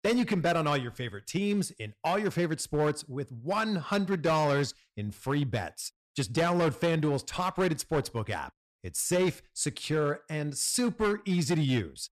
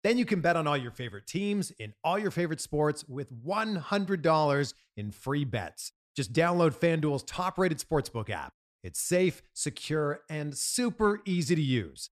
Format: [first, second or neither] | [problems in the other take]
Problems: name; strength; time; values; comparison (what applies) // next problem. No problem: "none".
second | distortion; slight; 8% of the sound clipped